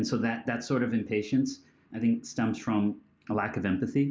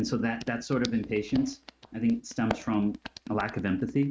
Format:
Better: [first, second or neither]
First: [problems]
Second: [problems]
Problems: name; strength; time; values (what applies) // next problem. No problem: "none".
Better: first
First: none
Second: noise reduction (neural mask model RNNoise)